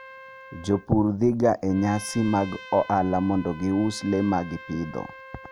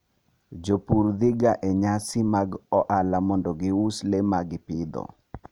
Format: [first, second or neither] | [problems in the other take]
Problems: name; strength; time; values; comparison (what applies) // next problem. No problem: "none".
second | background sound (Trumpet); 18 dB below the speech